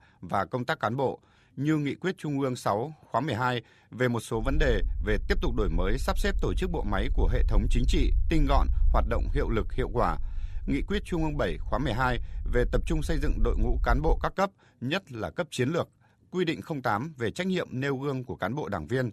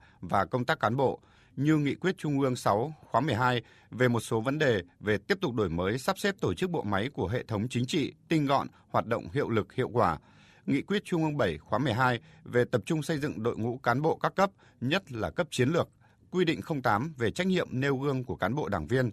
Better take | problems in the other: second | low rumble; faint; from 4.5 to 14 s; 25 dB below the speech

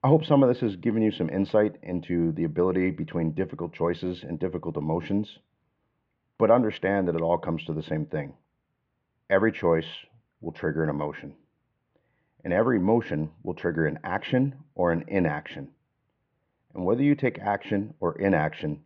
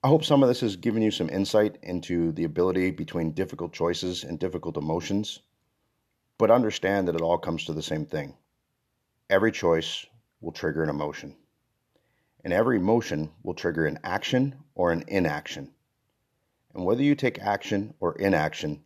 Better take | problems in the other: second | muffled; very; fading above 2.5 kHz

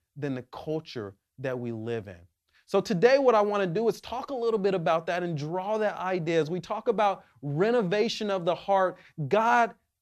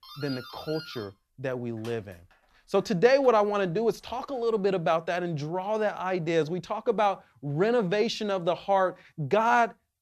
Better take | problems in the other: first | doorbell; faint; until 4.5 s; peak 15 dB below the speech

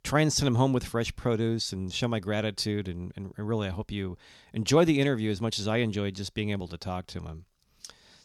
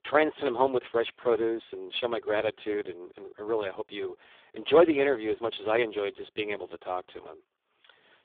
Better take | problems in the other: first | phone-call audio; poor line; nothing above 3.5 kHz

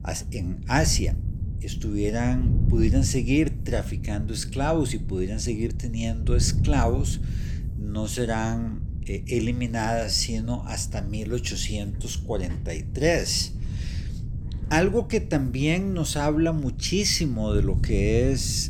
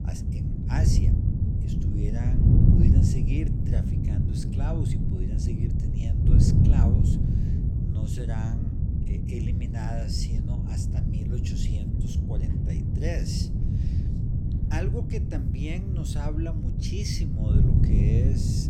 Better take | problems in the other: first | wind noise on the microphone; heavy; 3 dB above the speech; occasional gusts in the first

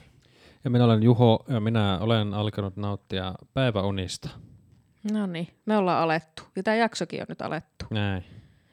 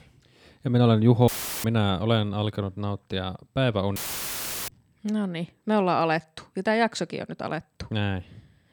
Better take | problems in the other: first | audio cutting out; filled with static; at 1.5 s and at 4 s for 0.5 s

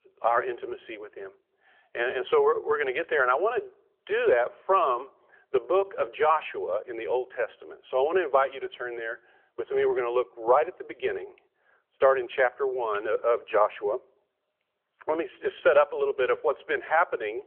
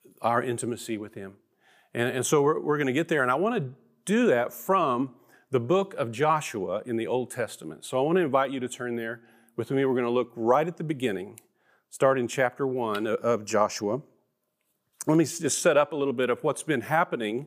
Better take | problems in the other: second | phone-call audio; nothing above 3.5 kHz

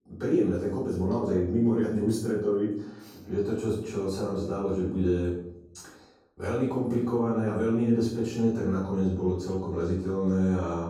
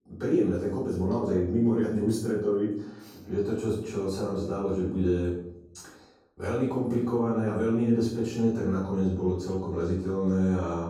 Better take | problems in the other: neither | room echo; noticeable; dies away in 0.6 s; the same in both // off-mic speech; far; the same in both

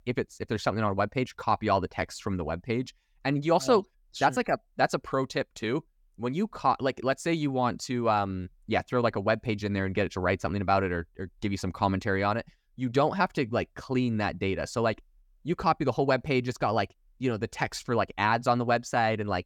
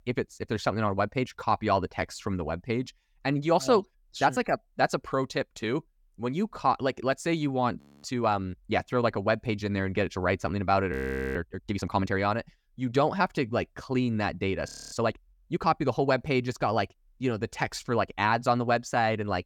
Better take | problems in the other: first | audio freezing; at 8 s, at 11 s and at 15 s

